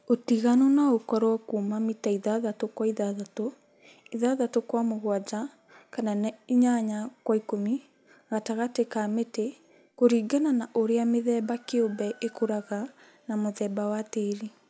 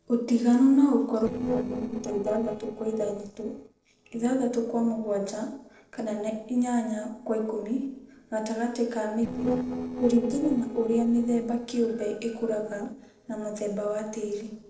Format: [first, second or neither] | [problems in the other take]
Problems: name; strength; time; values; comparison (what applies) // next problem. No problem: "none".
first | noise reduction (neural separator model SepFormer DNS4)